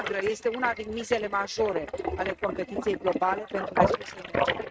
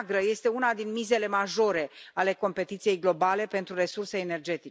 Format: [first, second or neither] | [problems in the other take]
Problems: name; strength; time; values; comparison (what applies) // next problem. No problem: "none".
second | noise reduction (neural mask model RNNoise)